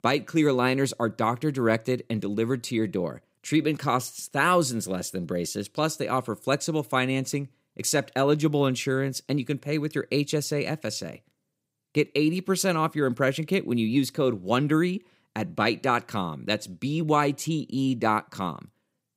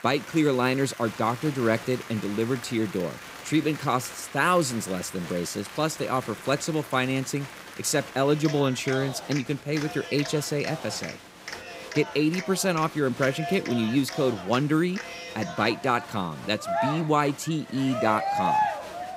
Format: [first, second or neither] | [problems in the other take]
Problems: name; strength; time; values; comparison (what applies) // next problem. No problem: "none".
first | crowd noise; loud; throughout; 9 dB below the speech